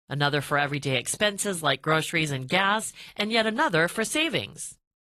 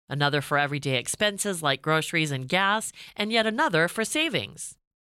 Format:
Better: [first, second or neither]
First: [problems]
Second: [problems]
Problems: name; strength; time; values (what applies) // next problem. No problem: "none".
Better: second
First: garbled, watery; slightly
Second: none